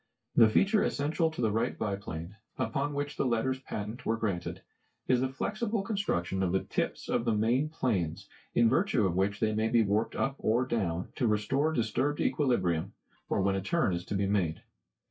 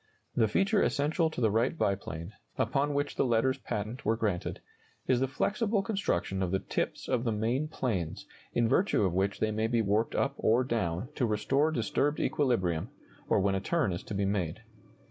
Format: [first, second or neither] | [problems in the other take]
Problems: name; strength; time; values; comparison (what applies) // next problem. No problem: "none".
second | noise reduction (neural mask model DeepFilterNet 3)